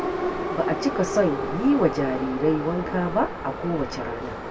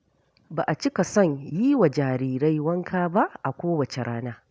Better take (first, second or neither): second